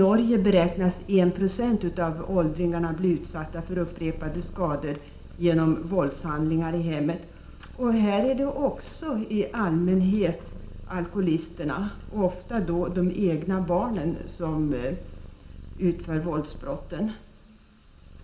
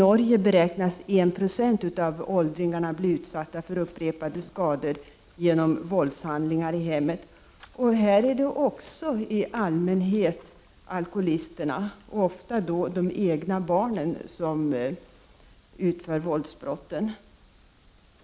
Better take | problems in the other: second | background sound (Purr); 14 dB below the speech // room echo; dies away in 1.4 s

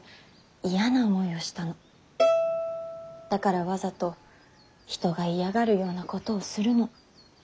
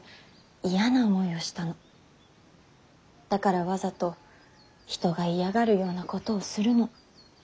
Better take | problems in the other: second | background sound (Bowed string instrument); as loud as the speech

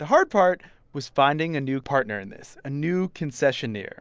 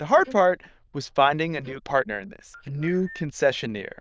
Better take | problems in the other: first | noise reduction (neural diffusion model UNIVERSE++)

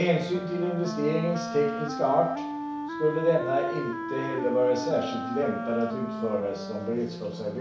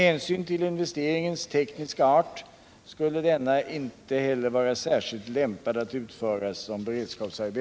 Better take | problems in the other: second | background sound (Wind instrument, woodwind instrument); 6 dB below the speech // room echo; dies away in 0.6 s

